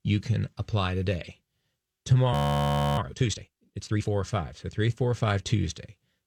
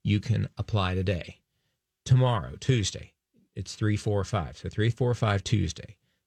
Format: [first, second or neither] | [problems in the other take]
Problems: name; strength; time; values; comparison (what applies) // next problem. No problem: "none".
second | audio freezing; at 2.5 s for 0.5 s